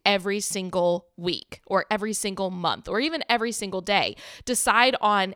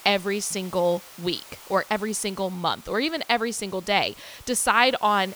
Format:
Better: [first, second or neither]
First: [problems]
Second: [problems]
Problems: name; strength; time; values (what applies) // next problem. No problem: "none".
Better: first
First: none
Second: hiss; faint; throughout; 20 dB below the speech